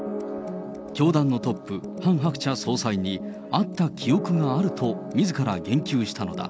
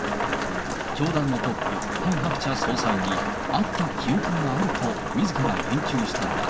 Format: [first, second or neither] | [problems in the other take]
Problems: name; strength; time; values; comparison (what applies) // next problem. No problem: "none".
first | background sound (Rain); 1 dB below the speech // room echo; dies away in 0.4 s